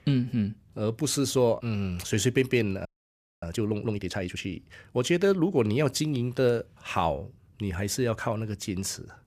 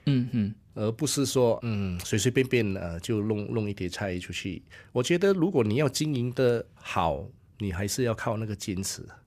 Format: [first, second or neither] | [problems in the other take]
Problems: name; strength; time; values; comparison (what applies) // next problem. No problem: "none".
second | audio freezing; at 3 s for 0.5 s